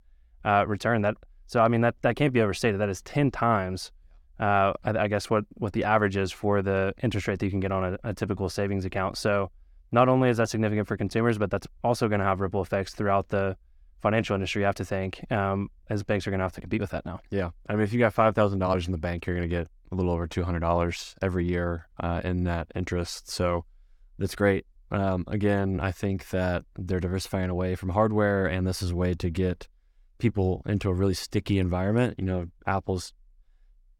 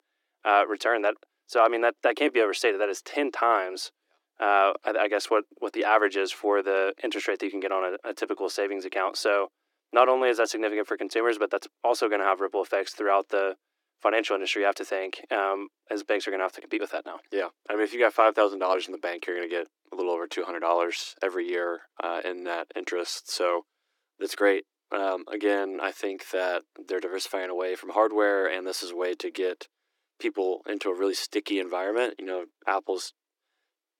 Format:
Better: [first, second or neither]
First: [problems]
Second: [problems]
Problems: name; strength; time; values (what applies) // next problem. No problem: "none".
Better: first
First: none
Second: thin; very; fading below 300 Hz